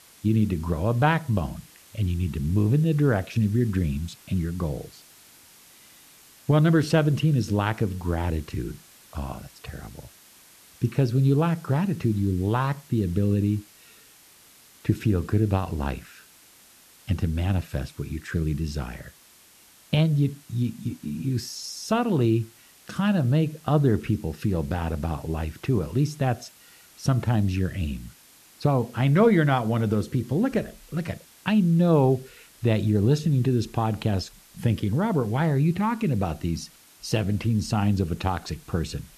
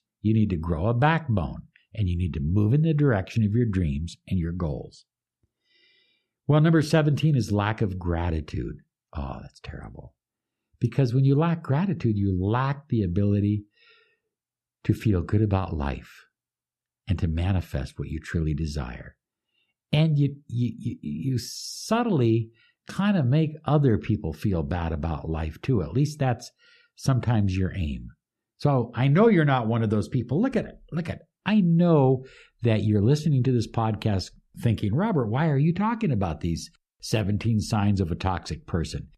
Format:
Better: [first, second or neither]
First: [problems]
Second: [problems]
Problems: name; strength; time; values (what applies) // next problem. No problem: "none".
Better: second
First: hiss; faint; throughout; 25 dB below the speech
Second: none